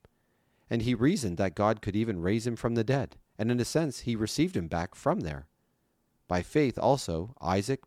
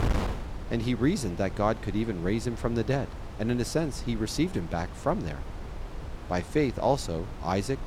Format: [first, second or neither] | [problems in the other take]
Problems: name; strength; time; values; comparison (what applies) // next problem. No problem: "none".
first | wind noise on the microphone; occasional gusts; 15 dB below the speech